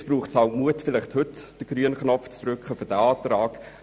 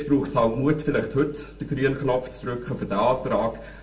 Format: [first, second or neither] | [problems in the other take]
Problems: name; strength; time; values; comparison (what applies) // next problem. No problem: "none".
first | room echo; dies away in 0.3 s